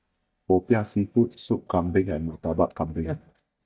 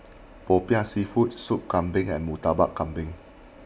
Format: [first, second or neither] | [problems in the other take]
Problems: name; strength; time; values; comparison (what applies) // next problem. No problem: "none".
second | noise reduction (neural mask model DeepFilterNet 3)